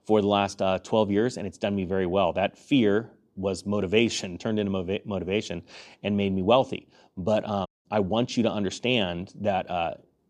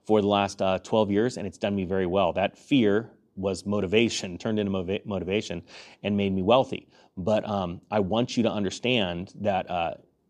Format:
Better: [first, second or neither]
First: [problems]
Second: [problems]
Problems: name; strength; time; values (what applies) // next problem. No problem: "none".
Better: second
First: audio cutting out; at 7.5 s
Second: none